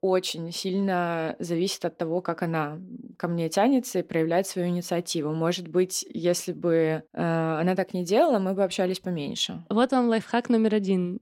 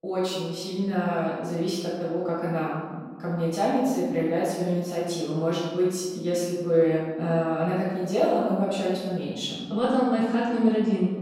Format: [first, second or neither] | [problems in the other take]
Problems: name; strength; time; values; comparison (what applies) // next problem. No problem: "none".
first | off-mic speech; far // room echo; strong; dies away in 1.2 s